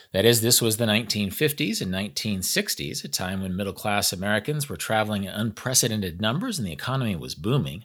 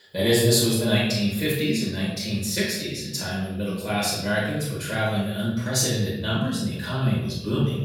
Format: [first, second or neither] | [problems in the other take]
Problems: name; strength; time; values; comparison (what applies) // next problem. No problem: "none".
first | off-mic speech; far // room echo; noticeable; dies away in 0.8 s